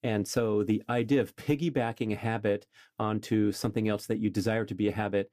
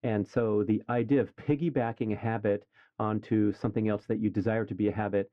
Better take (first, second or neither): first